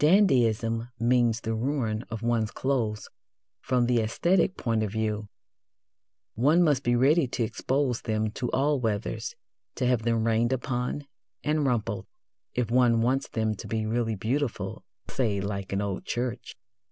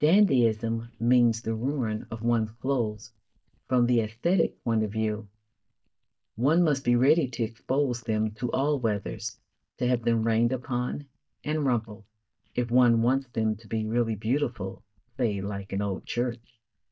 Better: first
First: none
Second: noise reduction (neural mask model DeepFilterNet 3)

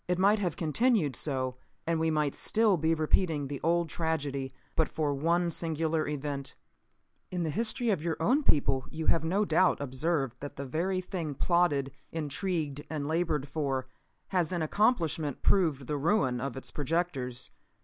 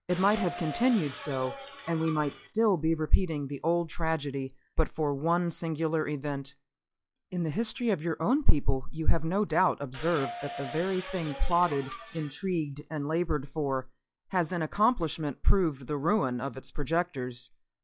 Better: first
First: none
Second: noise reduction (classical method log-MMSE)

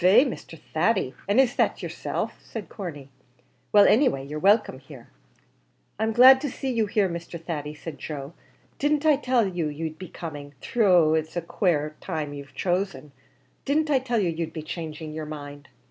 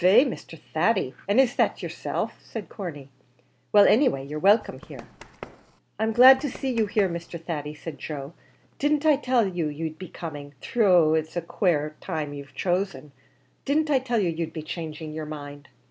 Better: first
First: none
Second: background sound (Run); 19 dB below the speech

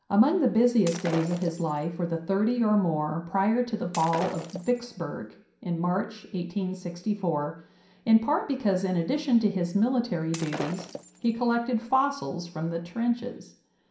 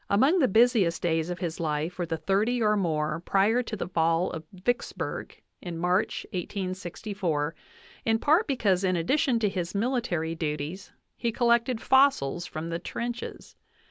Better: second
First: background sound (Shatter); 13 dB below the speech // room echo; dies away in 0.5 s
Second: none

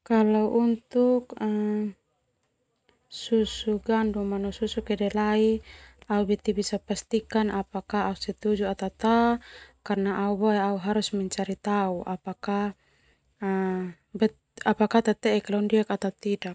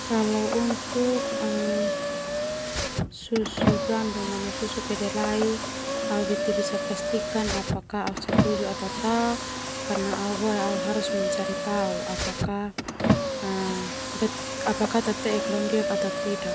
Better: first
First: none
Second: background sound (Car); as loud as the speech

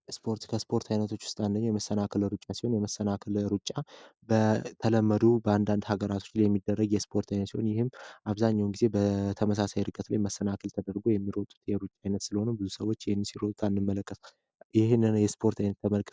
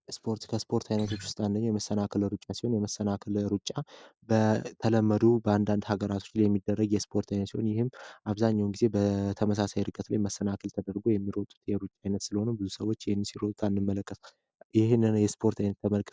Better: first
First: none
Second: background sound (Acoustic guitar); 11 dB below the speech

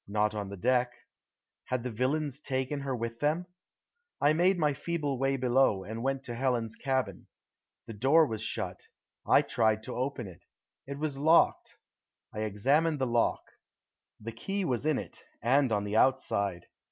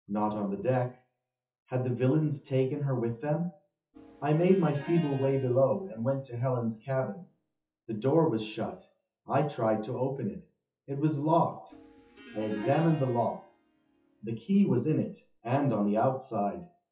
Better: first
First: none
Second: noise reduction (classical method WPE with log-MMSE)

